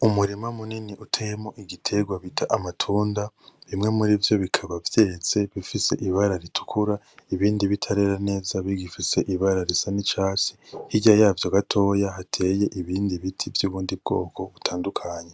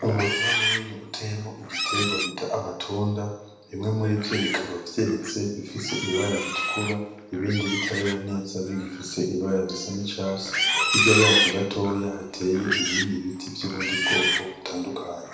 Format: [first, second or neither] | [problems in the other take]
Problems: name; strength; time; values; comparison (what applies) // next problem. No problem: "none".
first | background sound (Livestock, farm animals, working animals); 1 dB below the speech // room echo; dies away in 0.9 s